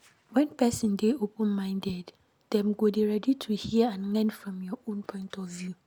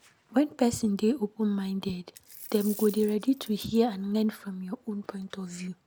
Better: first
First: none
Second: background sound (Coin (dropping)); 17 dB below the speech

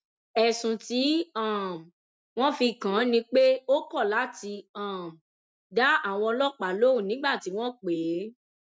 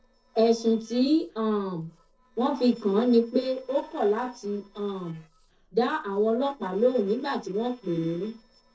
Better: first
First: none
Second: noise reduction (neural separator model SepFormer DNS4)

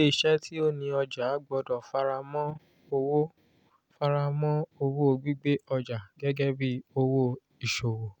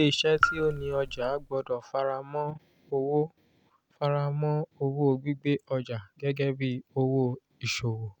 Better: first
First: none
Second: background sound (Raindrop / Drip); 3 dB below the speech

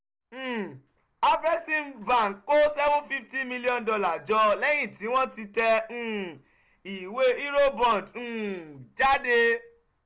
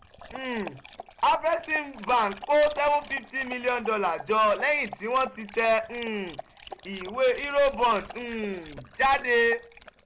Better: first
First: none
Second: background sound (Dog); 18 dB below the speech

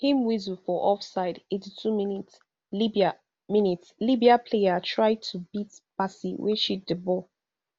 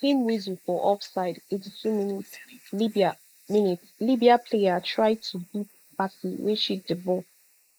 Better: first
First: none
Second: noise reduction (neural mask model Resemble Enhance denoiser)

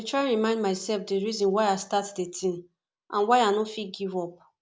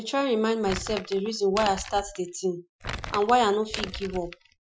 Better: first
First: none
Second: noise reduction (classical method Wiener filter)

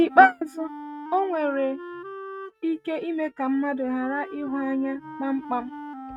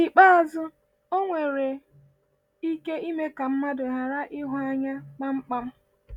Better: second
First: noise reduction (neural mask model RNNoise)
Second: none

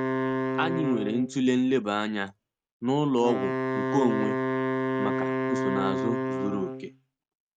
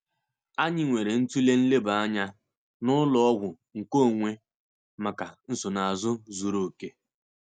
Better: second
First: noise reduction (neural mask model RNNoise)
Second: none

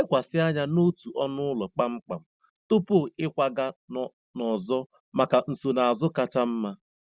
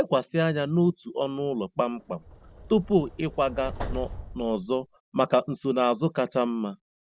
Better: first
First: none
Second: background sound (Subway, metro, underground); 12 dB below the speech

